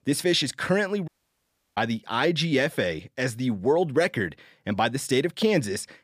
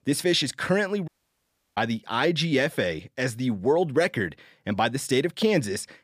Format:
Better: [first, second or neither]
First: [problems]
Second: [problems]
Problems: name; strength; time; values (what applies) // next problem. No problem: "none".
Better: neither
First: audio cutting out; at 1 s for 0.5 s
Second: audio cutting out; at 1 s for 0.5 s